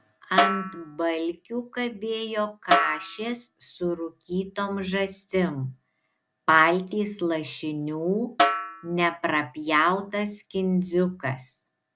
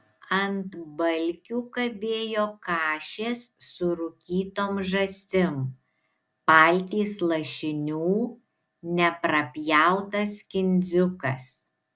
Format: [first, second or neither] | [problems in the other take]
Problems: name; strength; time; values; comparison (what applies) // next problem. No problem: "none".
second | background sound (Snare drum); 2 dB below the speech